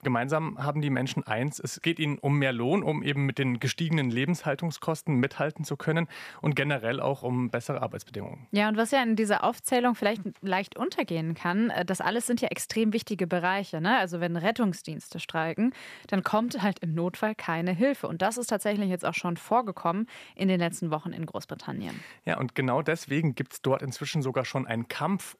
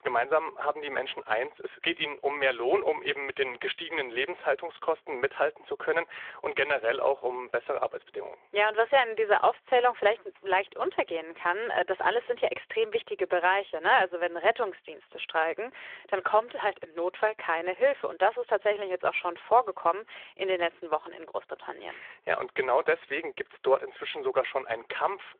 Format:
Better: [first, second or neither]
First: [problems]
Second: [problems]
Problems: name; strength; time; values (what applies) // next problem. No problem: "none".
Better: first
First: none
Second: phone-call audio